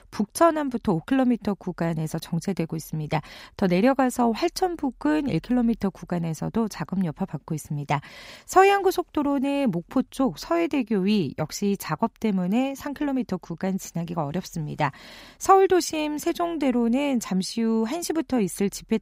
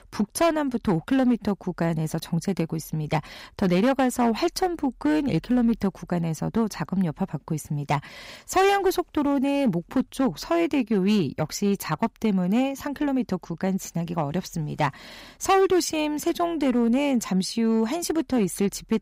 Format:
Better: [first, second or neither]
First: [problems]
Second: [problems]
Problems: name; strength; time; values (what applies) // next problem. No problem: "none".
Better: first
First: none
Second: distortion; slight; 4% of the sound clipped